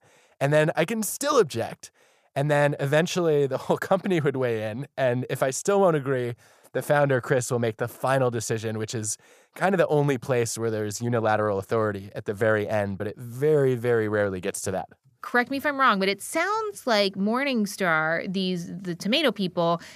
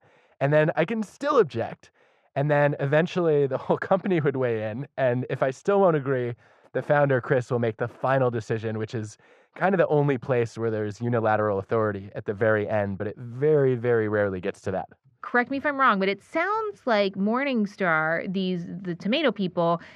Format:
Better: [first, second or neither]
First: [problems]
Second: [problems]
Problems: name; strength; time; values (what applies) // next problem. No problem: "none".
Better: first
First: none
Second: muffled; slightly; fading above 2.5 kHz